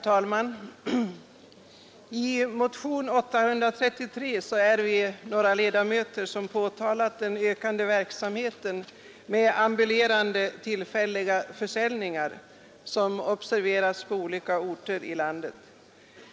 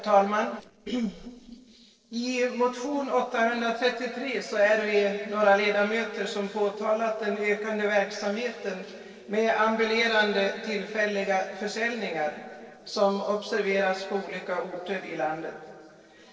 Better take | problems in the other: first | noise reduction (neural separator model SepFormer DNS4)

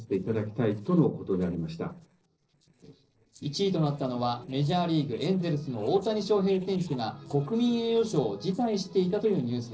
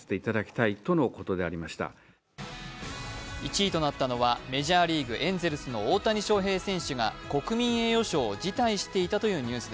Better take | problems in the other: second | noise reduction (neural separator model SepFormer DNS4)

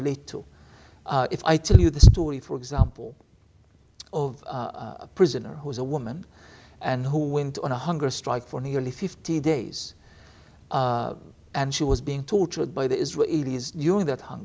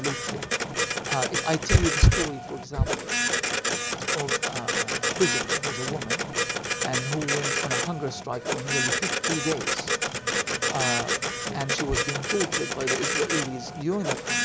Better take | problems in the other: first | background sound (Printer); 2 dB above the speech

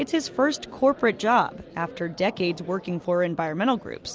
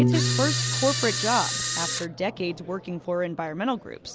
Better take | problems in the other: first | background sound (Camera + Piano); as loud as the speech

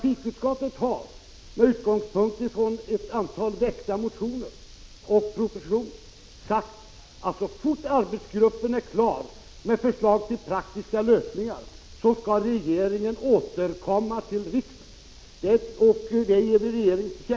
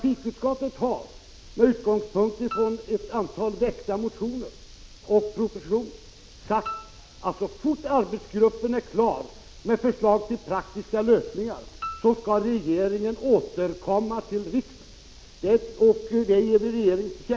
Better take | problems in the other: first | background sound (Piano); 16 dB below the speech

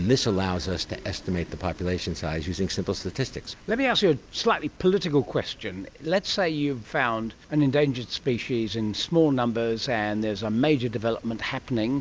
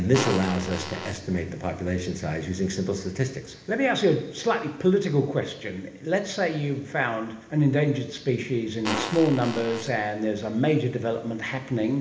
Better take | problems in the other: first | background sound (Fart); 7 dB below the speech // room echo; dies away in 1 s

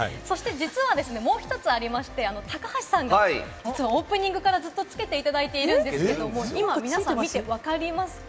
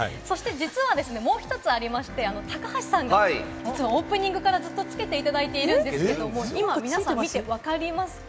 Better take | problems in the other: first | background sound (Bowed string instrument); 14 dB below the speech

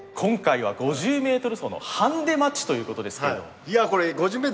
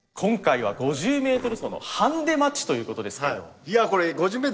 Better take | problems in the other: first | noise reduction (neural separator model SepFormer DNS4)

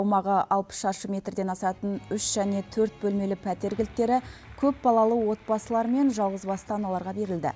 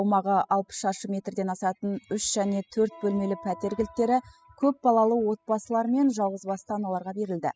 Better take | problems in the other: first | noise reduction (classical method spectral subtraction)

